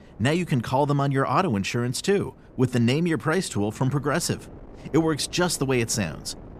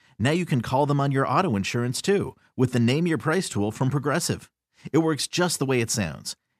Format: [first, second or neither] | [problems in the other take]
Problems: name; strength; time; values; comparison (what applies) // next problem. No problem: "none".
second | wind noise on the microphone; occasional gusts; 25 dB below the speech